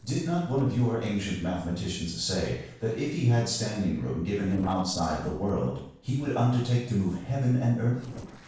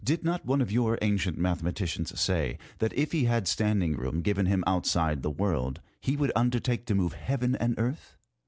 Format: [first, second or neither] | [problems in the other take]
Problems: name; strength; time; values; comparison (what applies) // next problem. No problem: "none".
second | noise reduction (neural separator model SepFormer DNS4)